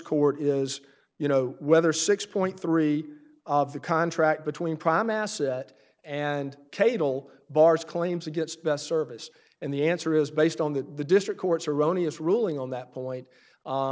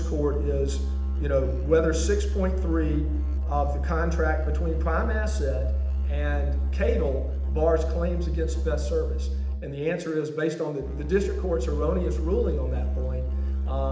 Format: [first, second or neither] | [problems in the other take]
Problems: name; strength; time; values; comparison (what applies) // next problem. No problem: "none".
first | background sound (Musical instrument); 2 dB above the speech // room echo; dies away in 0.8 s